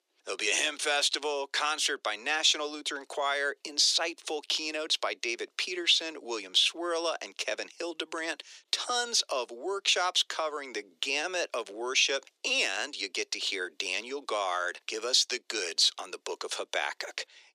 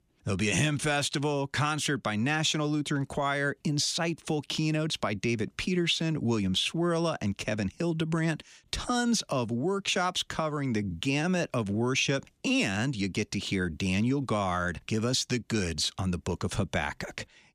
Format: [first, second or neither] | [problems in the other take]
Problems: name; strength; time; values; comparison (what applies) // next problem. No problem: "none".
second | thin; very; fading below 400 Hz